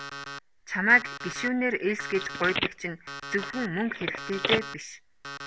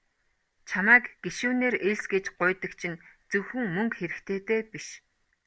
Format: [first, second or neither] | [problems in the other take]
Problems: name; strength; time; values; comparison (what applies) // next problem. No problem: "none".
second | background sound (Alarm + Telephone); 7 dB below the speech